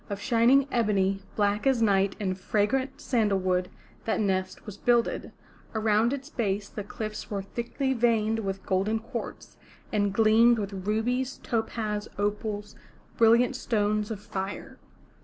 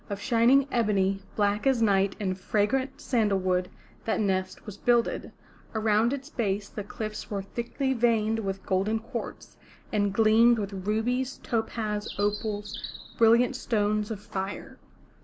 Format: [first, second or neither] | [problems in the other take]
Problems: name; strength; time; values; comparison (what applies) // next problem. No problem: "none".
first | background sound (Bird); 14 dB below the speech